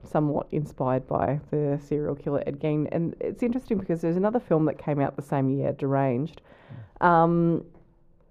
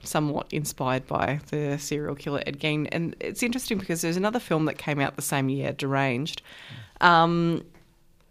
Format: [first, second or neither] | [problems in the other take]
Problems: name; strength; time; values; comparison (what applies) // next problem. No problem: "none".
second | muffled; very; fading above 2 kHz